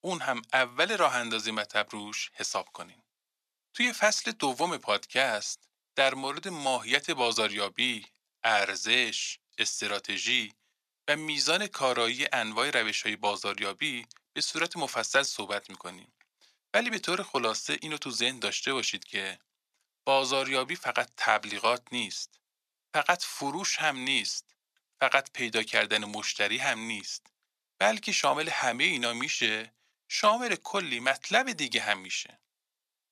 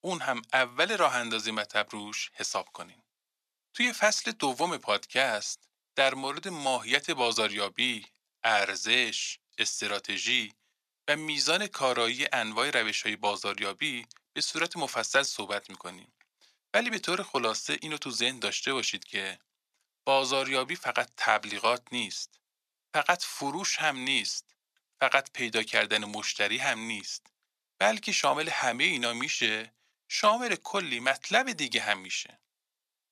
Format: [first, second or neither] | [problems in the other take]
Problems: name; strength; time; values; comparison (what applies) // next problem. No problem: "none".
neither | thin; very; fading below 500 Hz; the same in both